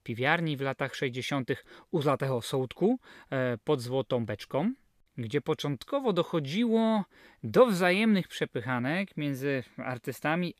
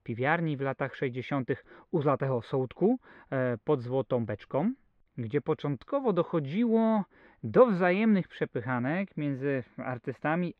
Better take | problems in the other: first | muffled; very; fading above 2 kHz

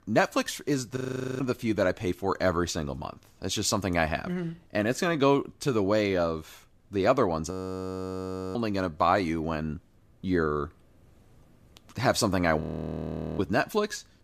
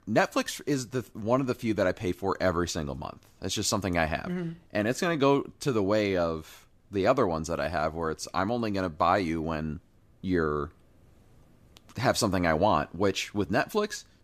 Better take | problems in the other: second | audio freezing; at 1 s, at 7.5 s for 1 s and at 13 s for 1 s

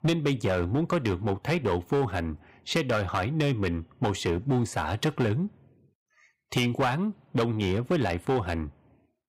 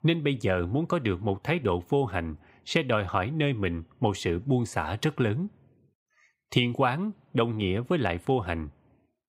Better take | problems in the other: second | distortion; slight; 8% of the sound clipped

